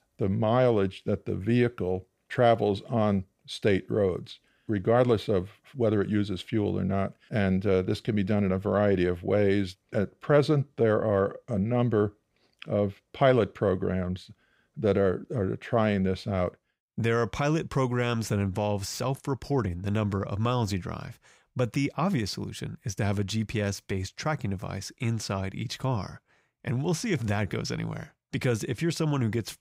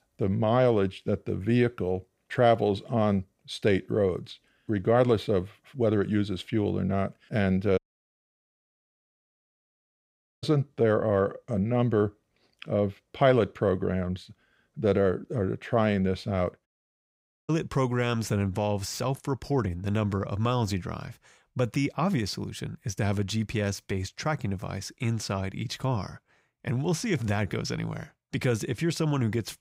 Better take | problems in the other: first | audio cutting out; at 8 s for 2.5 s and at 17 s for 1 s

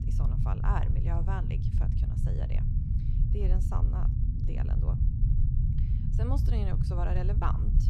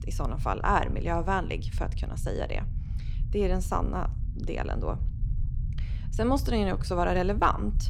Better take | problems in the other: second | low rumble; loud; throughout; 3 dB below the speech; faint in the second

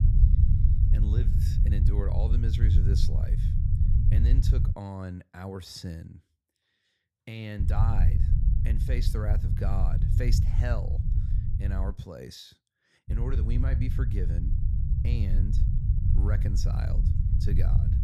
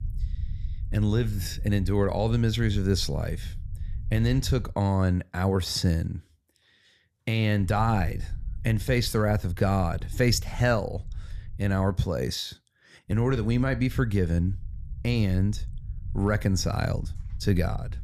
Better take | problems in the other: second | low rumble; loud; until 4.5 s, from 7.5 to 12 s and from 13 s on; 1 dB below the speech; faint in the second

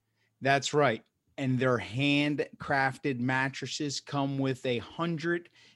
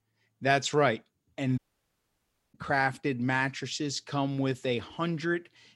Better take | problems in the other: first | audio cutting out; at 1.5 s for 1 s

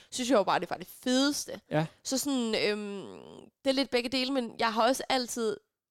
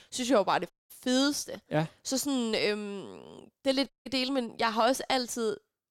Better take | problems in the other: first | audio cutting out; at 0.5 s and at 4 s

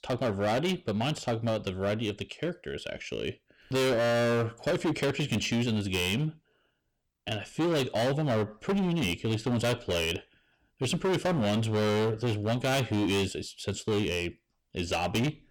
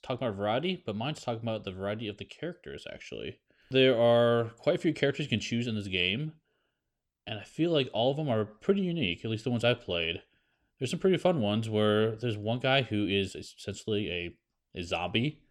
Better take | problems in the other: second | distortion; heavy; 19% of the sound clipped

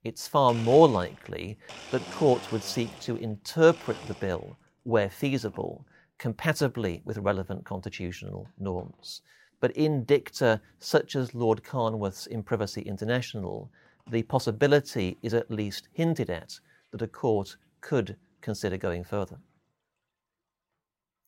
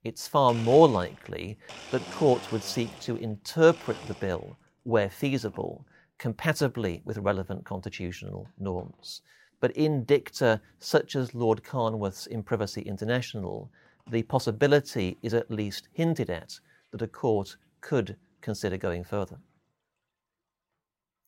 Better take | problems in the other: neither | household noises; noticeable; throughout; 15 dB below the speech; the same in both

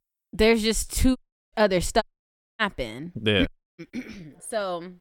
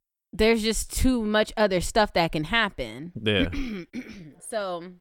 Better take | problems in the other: second | audio cutting out; at 1 s, at 2 s for 0.5 s and at 3.5 s

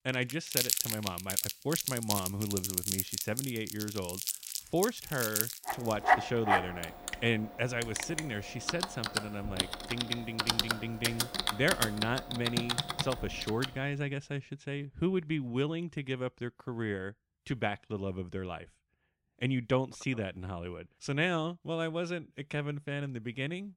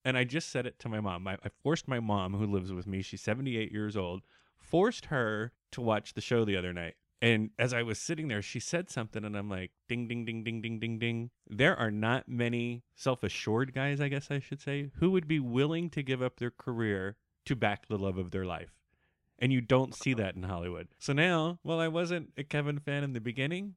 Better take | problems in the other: second | household noises; very loud; until 14 s; 2 dB above the speech

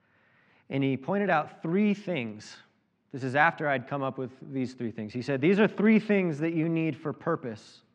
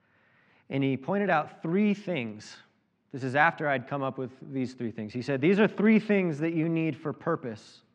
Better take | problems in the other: neither | muffled; slightly; fading above 4 kHz; the same in both

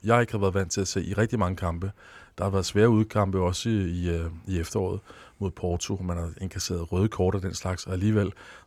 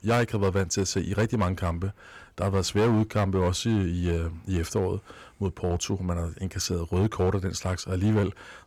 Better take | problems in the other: first | distortion; slight; 6% of the sound clipped

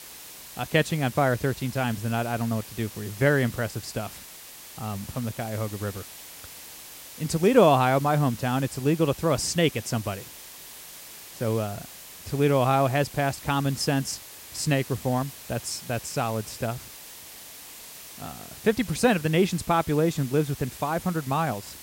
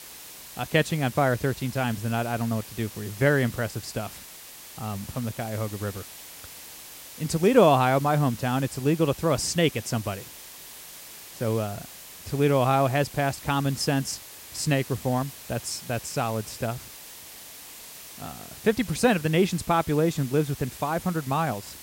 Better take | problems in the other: neither | hiss; noticeable; throughout; 15 dB below the speech; the same in both

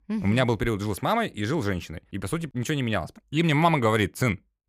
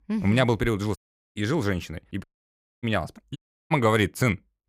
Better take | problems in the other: first | audio cutting out; at 1 s, at 2 s for 0.5 s and at 3.5 s

